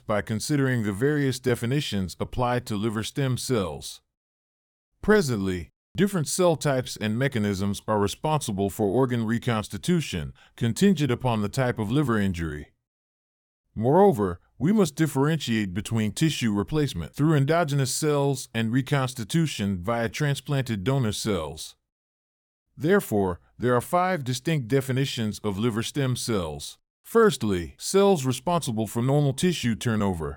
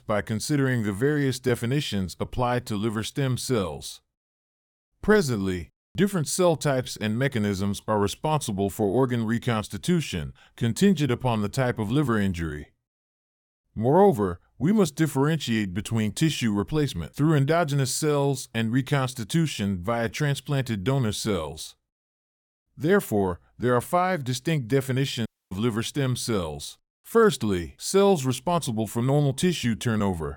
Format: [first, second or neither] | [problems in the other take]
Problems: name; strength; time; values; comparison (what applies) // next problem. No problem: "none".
first | audio cutting out; at 25 s